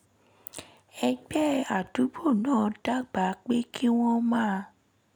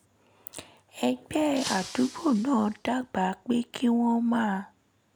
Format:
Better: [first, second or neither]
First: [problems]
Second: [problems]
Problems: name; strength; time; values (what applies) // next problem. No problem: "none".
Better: first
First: none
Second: background sound (Shatter); 14 dB below the speech